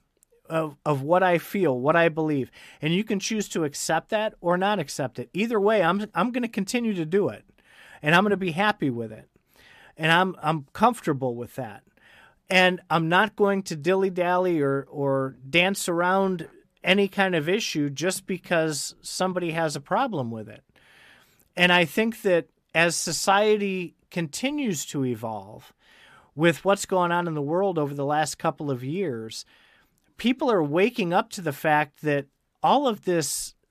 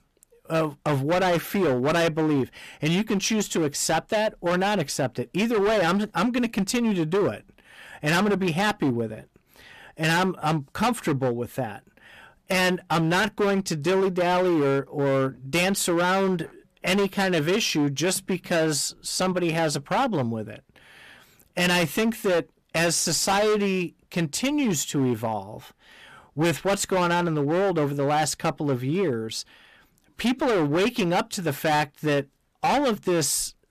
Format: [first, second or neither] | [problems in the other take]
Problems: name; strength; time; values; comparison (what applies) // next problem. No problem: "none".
first | distortion; heavy; 17% of the sound clipped